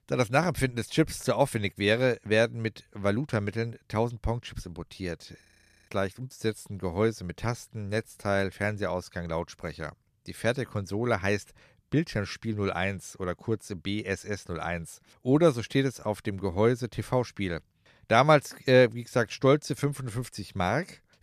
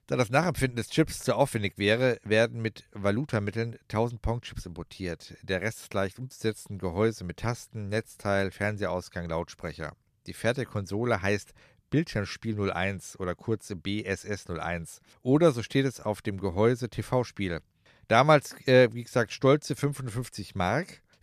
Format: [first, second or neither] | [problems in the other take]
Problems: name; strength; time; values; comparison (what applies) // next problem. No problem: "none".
second | audio freezing; at 5.5 s